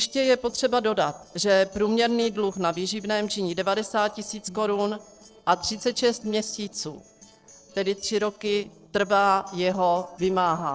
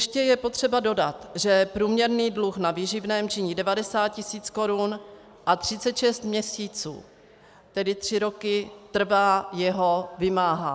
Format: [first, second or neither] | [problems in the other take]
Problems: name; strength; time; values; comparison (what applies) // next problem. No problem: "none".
second | noise reduction (neural separator model SepFormer DNS4)